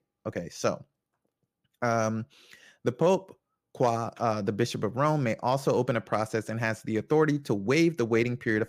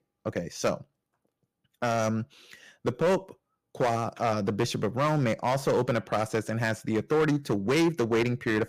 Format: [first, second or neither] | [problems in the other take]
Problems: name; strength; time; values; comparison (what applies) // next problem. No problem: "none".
first | distortion; slight; 7% of the sound clipped